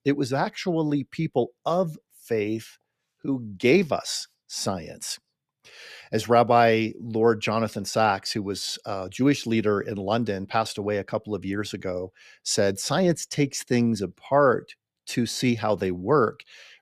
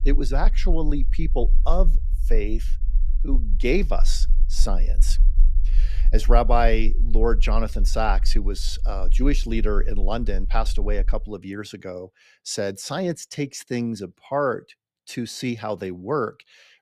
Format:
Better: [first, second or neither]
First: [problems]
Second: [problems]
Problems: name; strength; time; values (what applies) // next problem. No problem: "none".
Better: first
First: none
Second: low rumble; faint; until 11 s; 25 dB below the speech